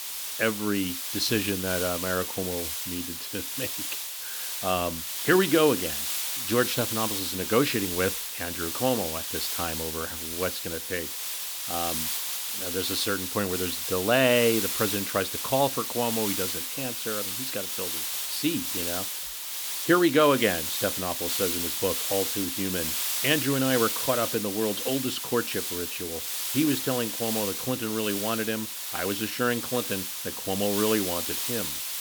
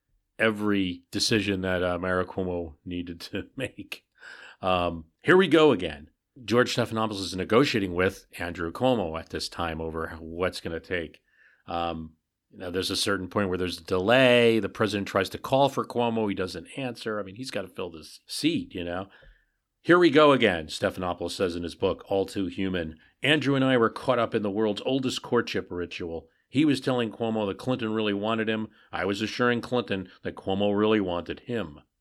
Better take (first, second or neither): second